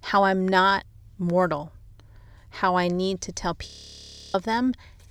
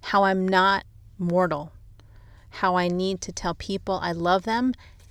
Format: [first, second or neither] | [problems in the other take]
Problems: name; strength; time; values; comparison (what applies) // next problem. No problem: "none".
second | audio freezing; at 3.5 s for 0.5 s